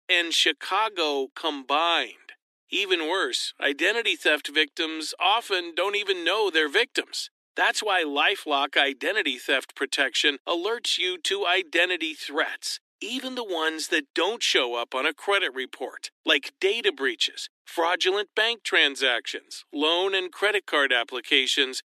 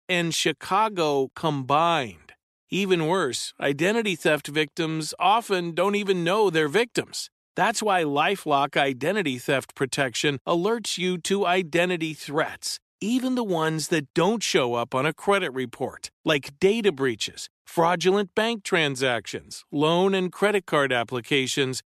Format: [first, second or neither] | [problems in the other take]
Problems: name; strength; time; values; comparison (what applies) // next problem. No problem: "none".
second | thin; somewhat; fading below 300 Hz